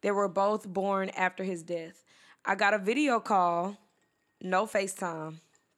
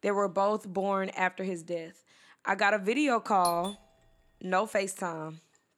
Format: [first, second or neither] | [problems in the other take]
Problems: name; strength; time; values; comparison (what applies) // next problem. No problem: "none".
first | doorbell; noticeable; at 3.5 s; peak 9 dB below the speech